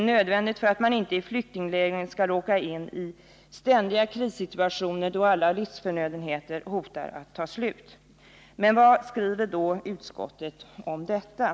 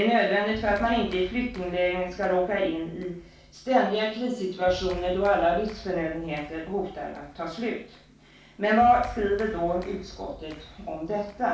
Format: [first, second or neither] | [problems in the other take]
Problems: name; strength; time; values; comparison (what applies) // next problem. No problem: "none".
first | background sound (Clapping); 18 dB below the speech // room echo; dies away in 0.3 s